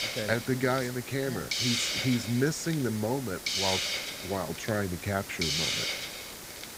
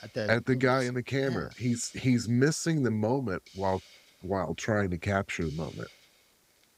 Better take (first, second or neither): second